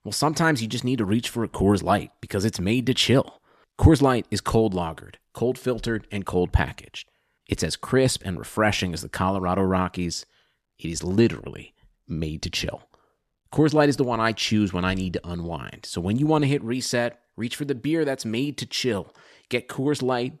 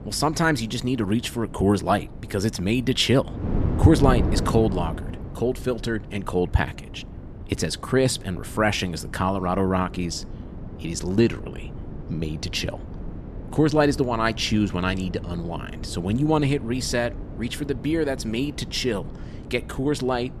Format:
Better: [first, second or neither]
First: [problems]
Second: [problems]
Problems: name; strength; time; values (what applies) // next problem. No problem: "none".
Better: first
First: none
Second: wind noise on the microphone; occasional gusts; 15 dB below the speech